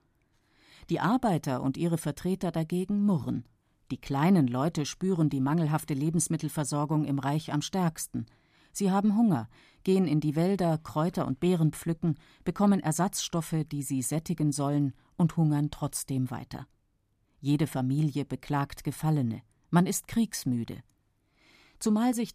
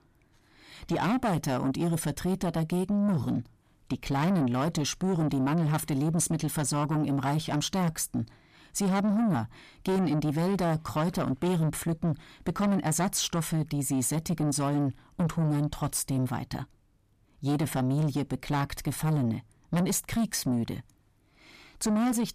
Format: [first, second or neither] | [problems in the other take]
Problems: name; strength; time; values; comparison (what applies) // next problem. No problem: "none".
first | distortion; heavy; 7 dB below the speech